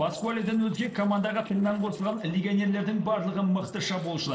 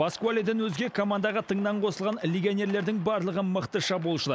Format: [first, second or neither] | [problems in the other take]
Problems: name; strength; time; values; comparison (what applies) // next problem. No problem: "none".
second | noise reduction (neural separator model SepFormer DNS4)